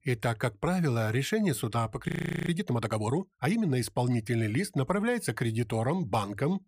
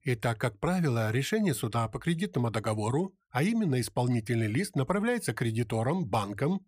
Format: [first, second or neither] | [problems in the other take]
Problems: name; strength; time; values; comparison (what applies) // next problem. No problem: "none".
second | audio freezing; at 2 s